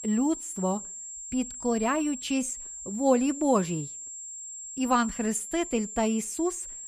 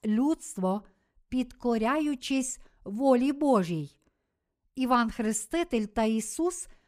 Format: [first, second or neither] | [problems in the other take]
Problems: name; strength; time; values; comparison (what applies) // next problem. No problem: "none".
second | high-pitched whine; loud; throughout; 7.5 kHz, 9 dB below the speech